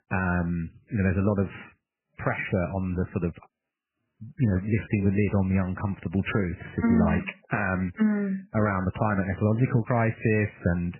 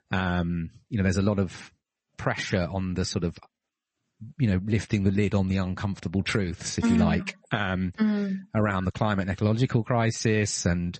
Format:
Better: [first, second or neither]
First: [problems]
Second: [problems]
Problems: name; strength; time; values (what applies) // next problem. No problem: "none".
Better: second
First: garbled, watery; badly; nothing above 2.5 kHz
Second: garbled, watery; slightly; nothing above 8 kHz